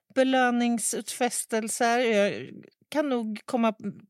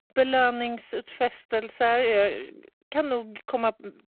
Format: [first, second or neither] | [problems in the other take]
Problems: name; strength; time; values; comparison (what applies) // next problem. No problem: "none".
first | phone-call audio; poor line